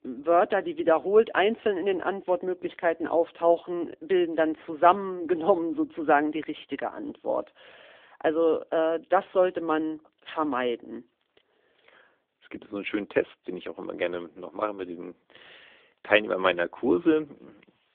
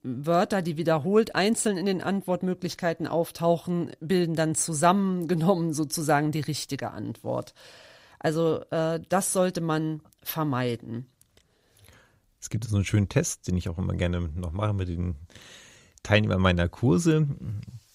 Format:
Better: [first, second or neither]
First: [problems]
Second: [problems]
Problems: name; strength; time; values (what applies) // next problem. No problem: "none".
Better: second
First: phone-call audio; nothing above 3.5 kHz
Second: none